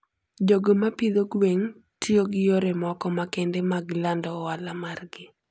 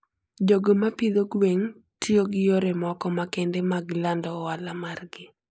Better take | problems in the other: first | noise reduction (neural mask model Resemble Enhance denoiser)

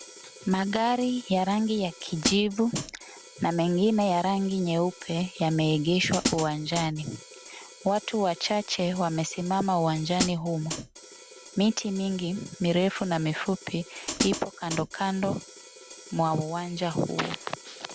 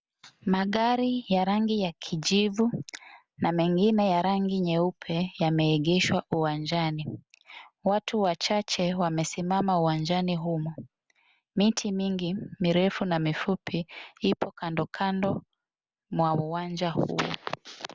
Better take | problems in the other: second | background sound (Hi-hat); 11 dB below the speech

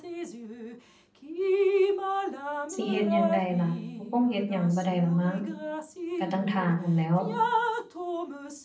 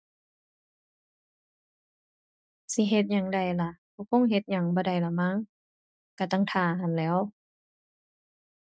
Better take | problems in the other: second | background sound (Drip); 1 dB below the speech // room echo; dies away in 0.6 s

